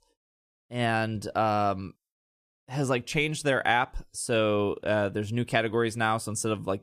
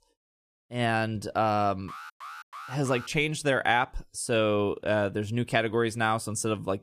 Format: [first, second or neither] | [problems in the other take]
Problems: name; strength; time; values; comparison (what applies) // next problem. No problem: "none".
first | alarm; faint; from 2 to 3 s; peak 15 dB below the speech